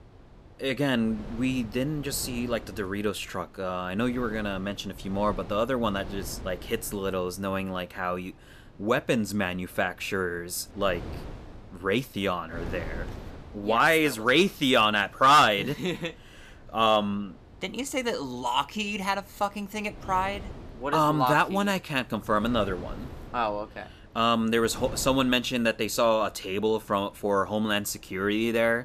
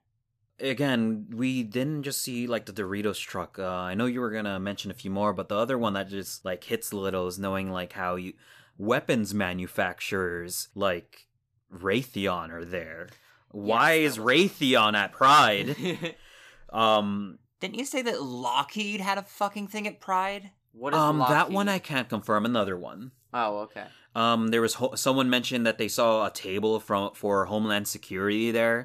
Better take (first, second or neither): second